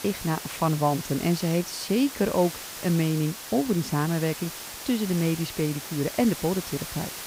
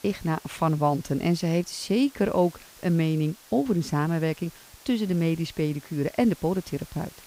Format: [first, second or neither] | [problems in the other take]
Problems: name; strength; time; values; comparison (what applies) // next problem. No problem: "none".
second | hiss; loud; throughout; 9 dB below the speech; faint in the second